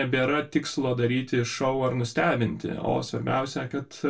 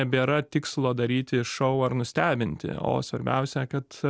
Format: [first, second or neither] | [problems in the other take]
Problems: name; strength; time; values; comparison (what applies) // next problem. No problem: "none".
second | room echo; dies away in 0.2 s